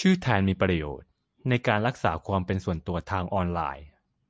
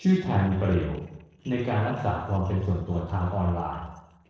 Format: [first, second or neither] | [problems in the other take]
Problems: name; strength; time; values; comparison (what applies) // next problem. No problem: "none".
first | noise reduction (neural separator model SepFormer DNS4)